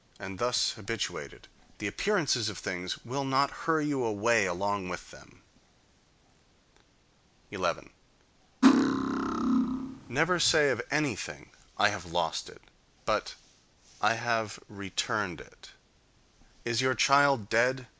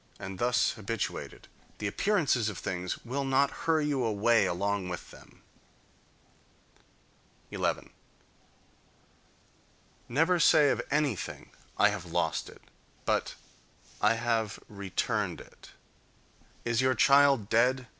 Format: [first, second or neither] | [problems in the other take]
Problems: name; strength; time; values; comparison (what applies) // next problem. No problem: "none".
second | background sound (Cutlery, silverware); 5 dB above the speech